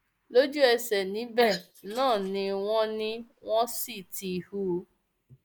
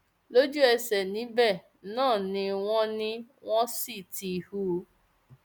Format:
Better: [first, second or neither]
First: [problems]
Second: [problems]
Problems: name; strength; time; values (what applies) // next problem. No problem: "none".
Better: second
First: noise reduction (neural mask model Resemble Enhance denoiser)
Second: none